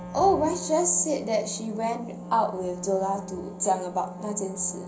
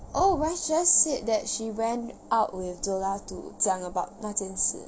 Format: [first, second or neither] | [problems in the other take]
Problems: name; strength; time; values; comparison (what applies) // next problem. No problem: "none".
second | background sound (Wind instrument, woodwind instrument); 13 dB below the speech // room echo; dies away in 0.4 s